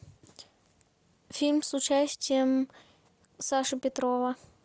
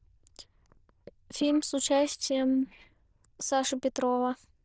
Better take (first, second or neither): first